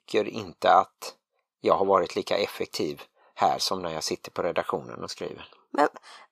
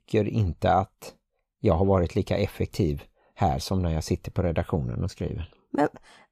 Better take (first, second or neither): second